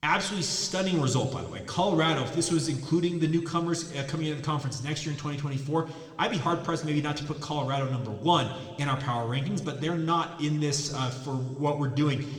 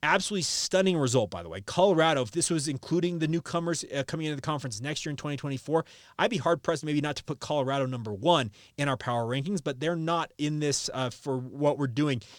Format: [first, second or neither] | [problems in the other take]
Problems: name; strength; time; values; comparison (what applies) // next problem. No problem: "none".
second | room echo; slight; dies away in 1.4 s